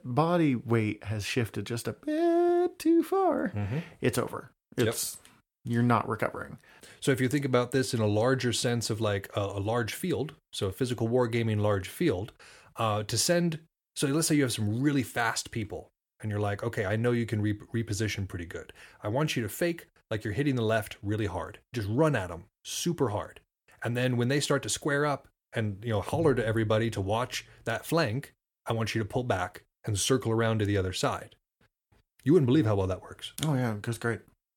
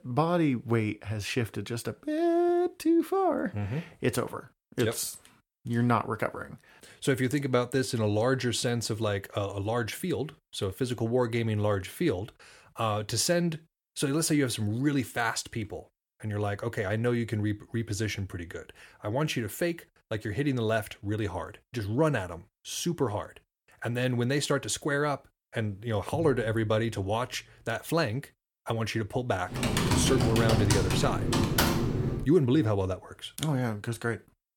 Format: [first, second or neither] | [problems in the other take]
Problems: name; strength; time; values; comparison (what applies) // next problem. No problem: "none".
first | keyboard typing; loud; from 30 to 32 s; peak 5 dB above the speech